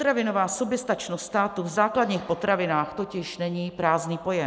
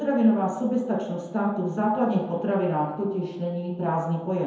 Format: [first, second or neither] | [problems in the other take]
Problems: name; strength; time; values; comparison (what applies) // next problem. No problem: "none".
first | room echo; dies away in 0.9 s